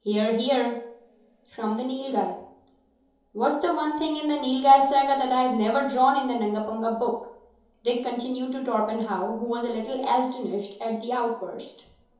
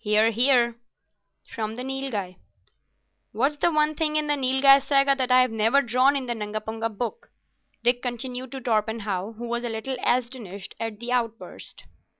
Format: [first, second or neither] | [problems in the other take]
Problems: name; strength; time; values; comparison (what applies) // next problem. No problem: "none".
second | room echo; dies away in 2.8 s